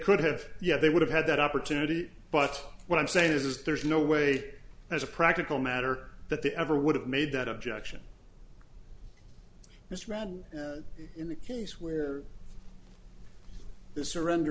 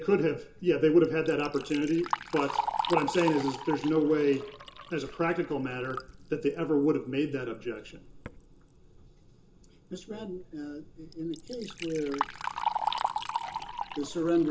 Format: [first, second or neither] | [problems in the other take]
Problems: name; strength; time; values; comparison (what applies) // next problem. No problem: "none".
first | background sound (Liquid); 8 dB below the speech // room echo; dies away in 0.2 s